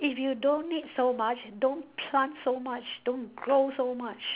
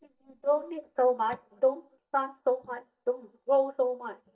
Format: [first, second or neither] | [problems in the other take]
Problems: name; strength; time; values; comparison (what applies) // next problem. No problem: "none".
first | noise reduction (neural mask model DeepFilterNet 3)